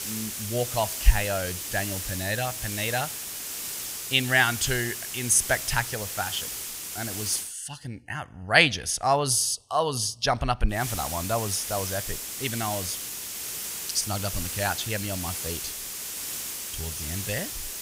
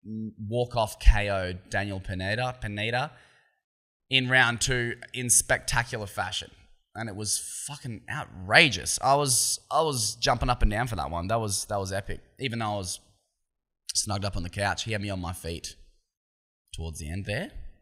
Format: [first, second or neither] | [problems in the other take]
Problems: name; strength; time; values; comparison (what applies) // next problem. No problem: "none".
second | hiss; loud; until 7.5 s and from 11 s on; 5 dB below the speech